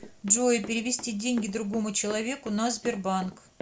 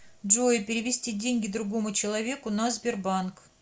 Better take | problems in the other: second | background sound (Run); 17 dB below the speech

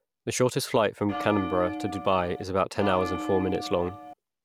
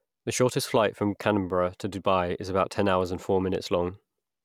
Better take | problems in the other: second | background sound (Bell); 7 dB below the speech

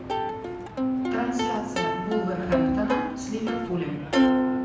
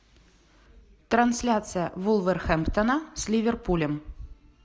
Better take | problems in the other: second | background sound (Plucked string instrument); 5 dB above the speech // room echo; dies away in 0.9 s

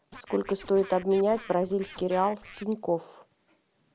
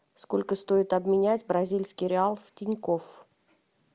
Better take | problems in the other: second | background sound (Scratching (performance technique)); 19 dB below the speech

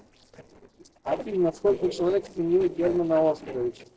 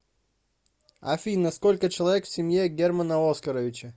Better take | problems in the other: second | noise reduction (neural separator model SepFormer DNS4)

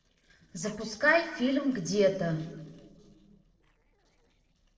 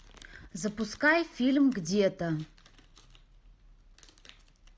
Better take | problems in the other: second | noise reduction (neural separator model SepFormer DNS4)

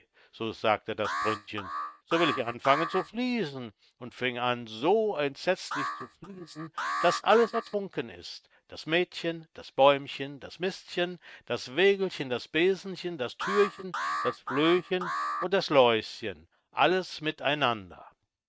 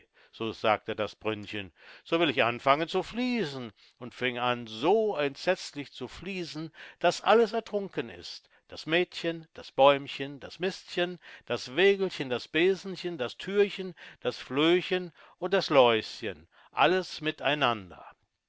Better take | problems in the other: second | noise reduction (neural mask model RNNoise)

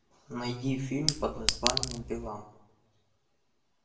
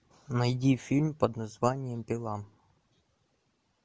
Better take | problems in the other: second | background sound (Chink, clink); 4 dB above the speech // room echo; dies away in 0.6 s

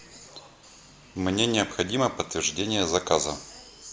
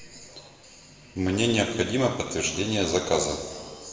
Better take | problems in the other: first | room echo; dies away in 1.7 s

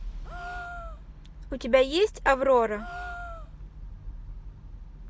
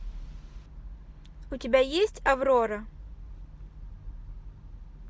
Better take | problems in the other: second | background sound (Gasp); 16 dB below the speech

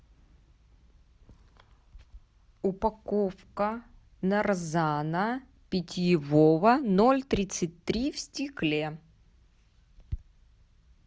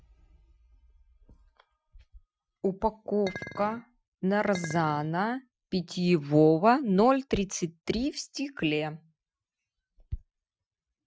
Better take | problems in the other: first | noise reduction (classical method Wiener filter)

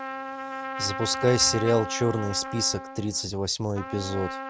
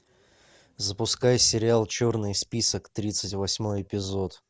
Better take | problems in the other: second | background sound (Trumpet); 8 dB below the speech

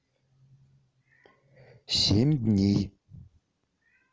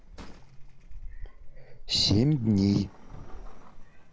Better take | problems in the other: first | background sound (Sliding door); 10 dB below the speech

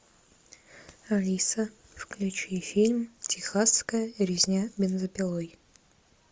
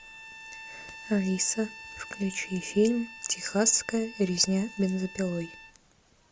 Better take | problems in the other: first | background sound (Bowed string instrument); 16 dB below the speech

